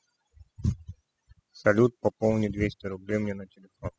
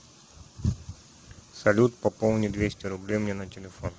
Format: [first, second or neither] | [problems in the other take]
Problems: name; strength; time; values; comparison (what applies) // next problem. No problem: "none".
second | noise reduction (classical method spectral subtraction)